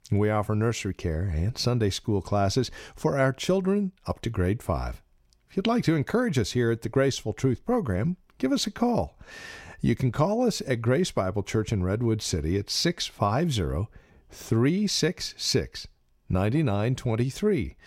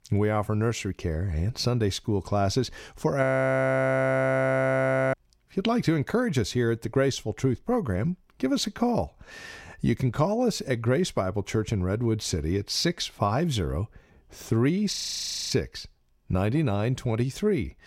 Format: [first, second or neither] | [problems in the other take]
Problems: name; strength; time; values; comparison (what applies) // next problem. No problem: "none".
first | audio freezing; at 3 s for 2 s and at 15 s for 0.5 s